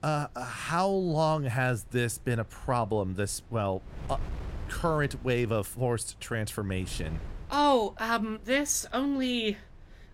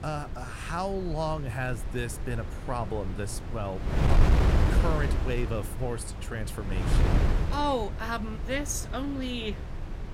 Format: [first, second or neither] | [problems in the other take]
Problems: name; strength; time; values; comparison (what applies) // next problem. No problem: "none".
first | wind noise on the microphone; heavy; 5 dB below the speech; occasional gusts in the first